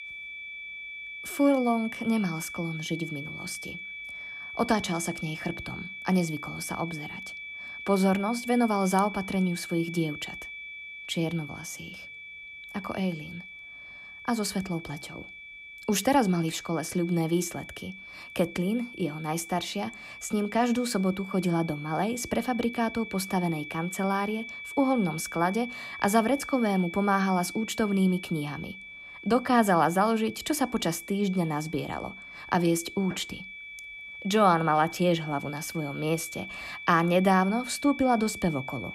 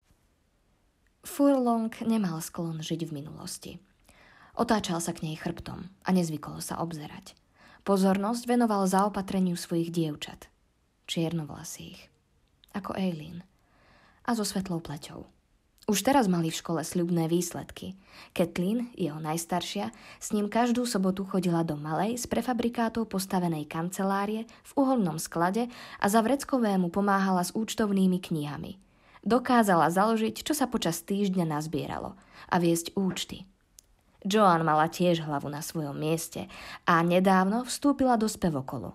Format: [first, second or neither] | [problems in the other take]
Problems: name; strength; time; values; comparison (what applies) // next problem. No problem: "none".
second | high-pitched whine; noticeable; throughout; 2.5 kHz, 10 dB below the speech